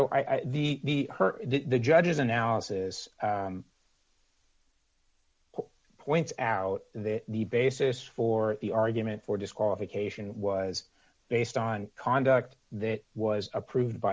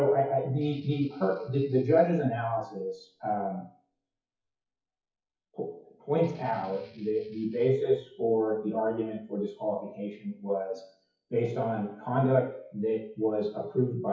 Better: first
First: none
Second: noise reduction (classical method WPE with log-MMSE)

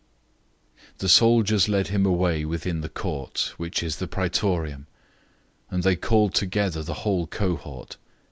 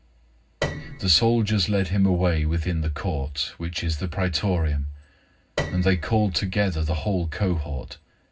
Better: first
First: none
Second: background sound (Piano); 11 dB below the speech // room echo; dies away in 0.4 s

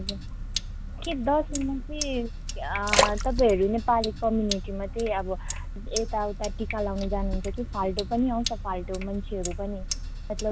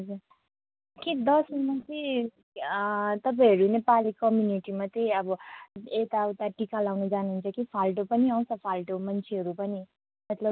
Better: second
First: background sound (Splash, splatter + Sink (filling or washing)); 2 dB below the speech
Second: none

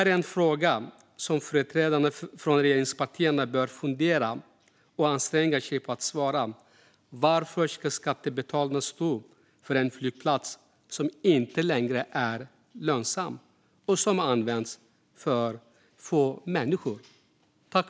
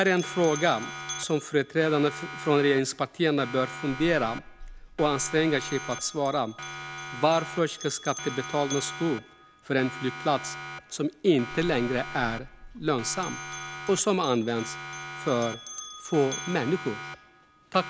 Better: first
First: none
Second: background sound (Siren + Bell); 11 dB below the speech

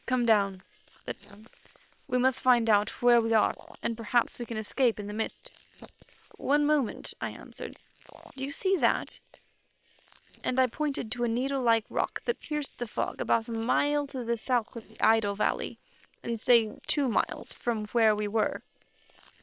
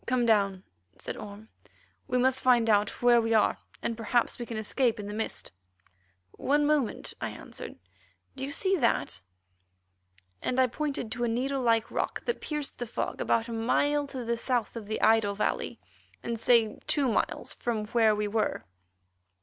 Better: second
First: noise reduction (neural separator model SepFormer WHAM!)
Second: none

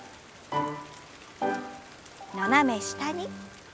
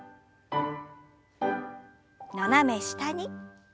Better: second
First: background sound (Rain); 18 dB below the speech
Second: none

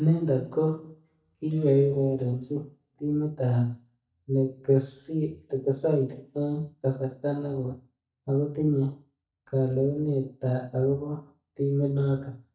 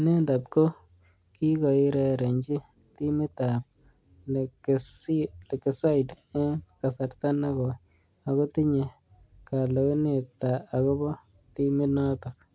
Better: second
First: noise reduction (neural mask model DeepFilterNet 3)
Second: none

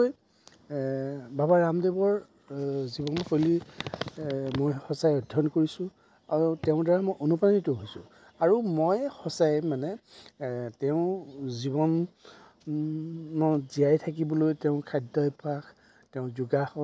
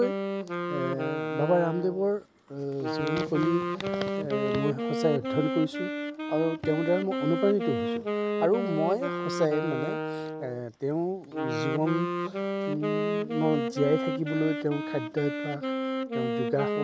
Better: first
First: none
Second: background sound (Wind instrument, woodwind instrument); 1 dB below the speech

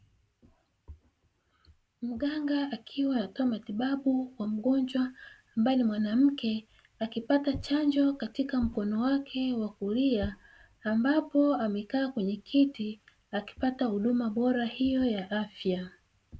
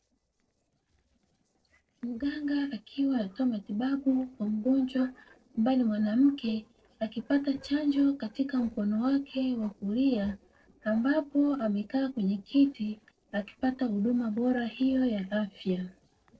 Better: first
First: none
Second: noise reduction (neural separator model SepFormer DNS4)

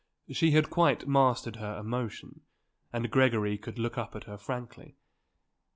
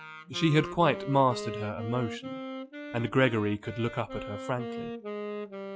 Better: first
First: none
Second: noise reduction (classical method log-MMSE)

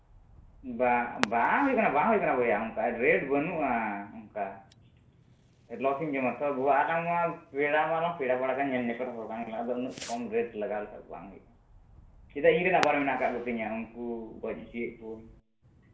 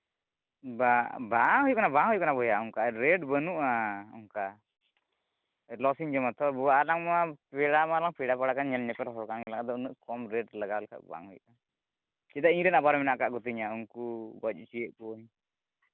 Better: second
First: background sound (Fireworks); 17 dB below the speech // room echo; dies away in 0.5 s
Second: none

